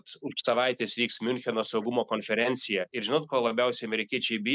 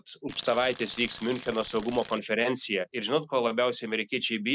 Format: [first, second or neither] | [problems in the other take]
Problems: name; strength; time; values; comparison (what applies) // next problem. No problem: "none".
first | background sound (Tools); 17 dB below the speech